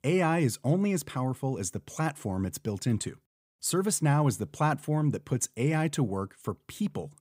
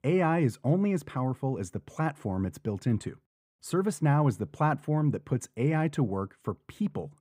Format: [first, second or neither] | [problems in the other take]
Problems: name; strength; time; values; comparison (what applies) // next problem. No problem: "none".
first | muffled; slightly; fading above 3 kHz